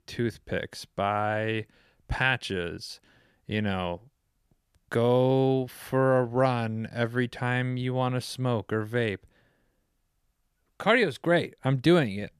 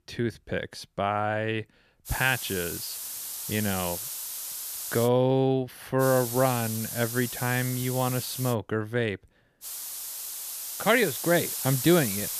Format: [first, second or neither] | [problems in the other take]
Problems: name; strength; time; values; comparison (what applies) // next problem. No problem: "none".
first | hiss; loud; from 2 to 5 s, from 6 to 8.5 s and from 9.5 s on; 6 dB below the speech